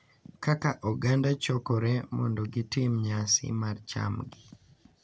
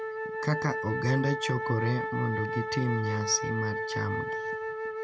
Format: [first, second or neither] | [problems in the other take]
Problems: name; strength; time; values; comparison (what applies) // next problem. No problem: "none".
first | background sound (Wind instrument, woodwind instrument); 2 dB below the speech